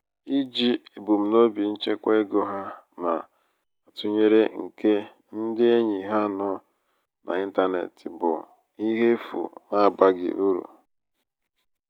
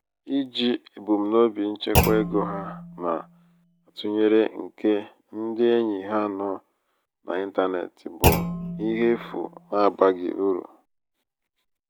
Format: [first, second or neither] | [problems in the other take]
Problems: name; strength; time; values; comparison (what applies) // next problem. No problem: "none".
first | background sound (Thump, thud); 3 dB below the speech